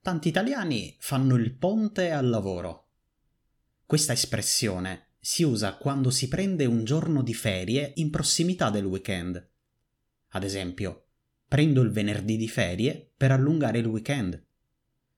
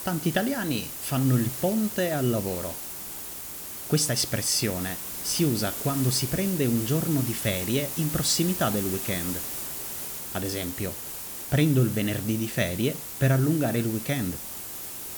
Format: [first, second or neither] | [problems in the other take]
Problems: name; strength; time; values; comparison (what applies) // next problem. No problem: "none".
first | hiss; loud; throughout; 6 dB below the speech